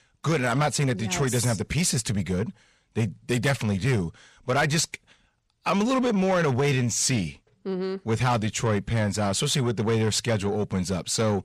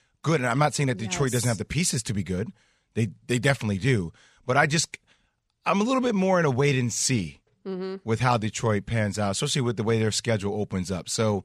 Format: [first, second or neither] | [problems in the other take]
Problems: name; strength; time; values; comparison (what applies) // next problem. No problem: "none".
second | distortion; slight; 10 dB below the speech